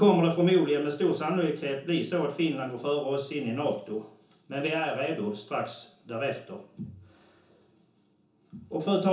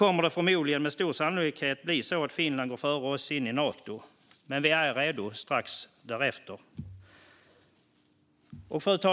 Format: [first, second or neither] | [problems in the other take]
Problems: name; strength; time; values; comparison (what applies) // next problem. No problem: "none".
second | room echo; dies away in 0.6 s